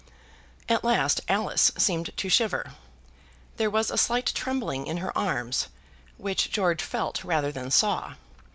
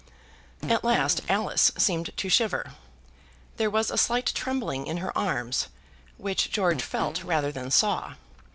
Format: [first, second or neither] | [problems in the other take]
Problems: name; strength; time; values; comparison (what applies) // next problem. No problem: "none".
first | background sound (Fart); 11 dB below the speech